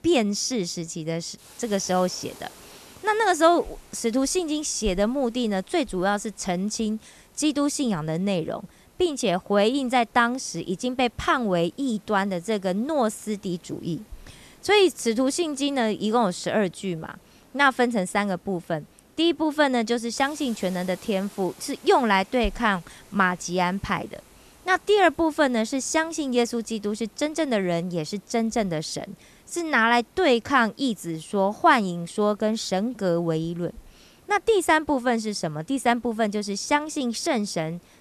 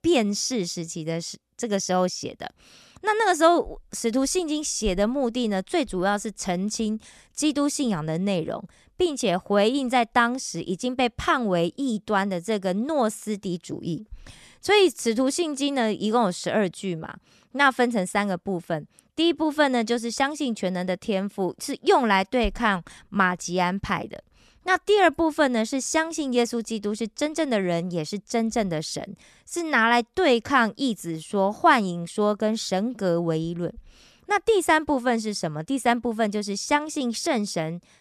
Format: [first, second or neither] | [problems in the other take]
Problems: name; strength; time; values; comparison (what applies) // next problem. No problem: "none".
second | hiss; faint; throughout; 25 dB below the speech